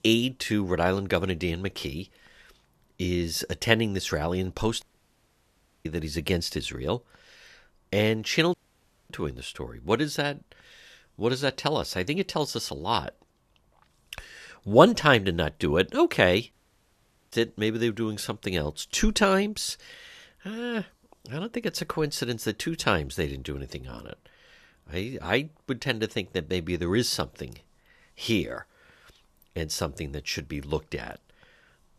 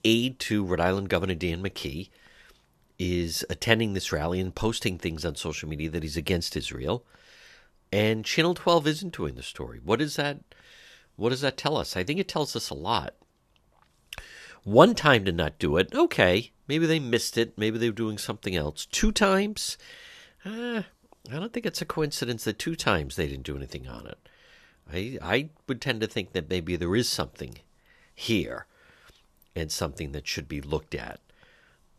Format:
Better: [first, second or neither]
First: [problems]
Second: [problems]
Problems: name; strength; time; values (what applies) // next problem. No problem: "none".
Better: second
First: audio cutting out; at 5 s for 1 s, at 8.5 s for 0.5 s and at 17 s for 1 s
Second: none